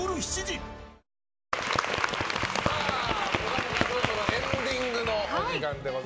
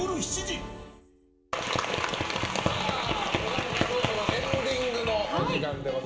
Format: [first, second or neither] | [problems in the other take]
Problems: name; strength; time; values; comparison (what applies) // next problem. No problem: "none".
first | background sound (Drum); 16 dB below the speech // room echo; dies away in 0.6 s